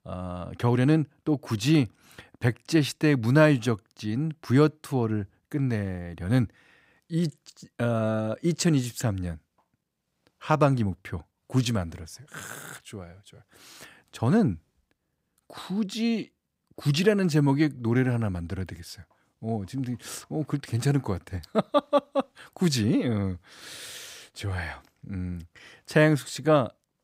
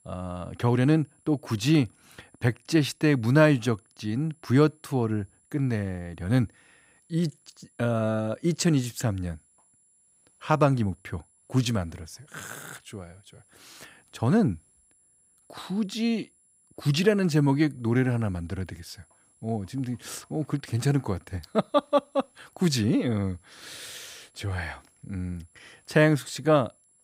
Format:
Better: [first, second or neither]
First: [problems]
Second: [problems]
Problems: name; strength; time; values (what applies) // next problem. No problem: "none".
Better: first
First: none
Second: high-pitched whine; faint; throughout; 10.5 kHz, 35 dB below the speech